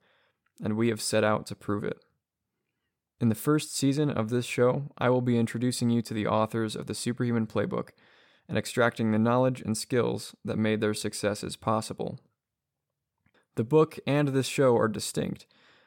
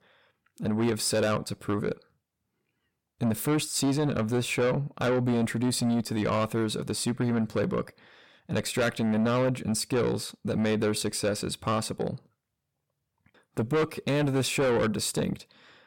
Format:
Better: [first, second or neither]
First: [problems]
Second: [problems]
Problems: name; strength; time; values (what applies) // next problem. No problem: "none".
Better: first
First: none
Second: distortion; heavy; 7 dB below the speech